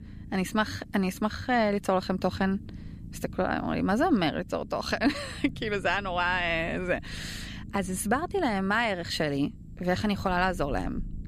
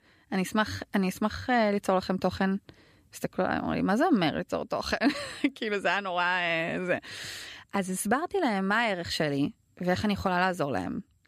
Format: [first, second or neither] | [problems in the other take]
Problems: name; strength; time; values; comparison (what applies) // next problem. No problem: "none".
second | low rumble; faint; throughout; 25 dB below the speech